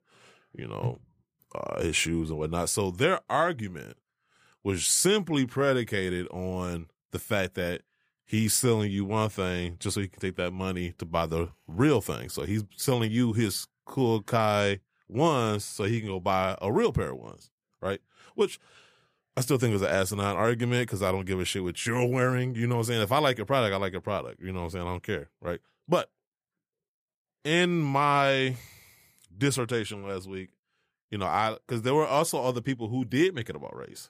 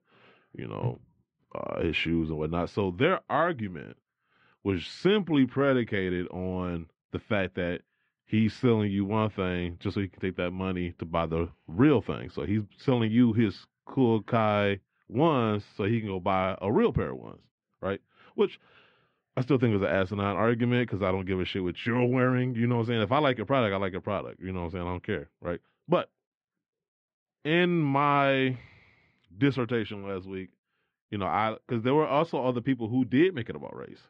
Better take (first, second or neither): first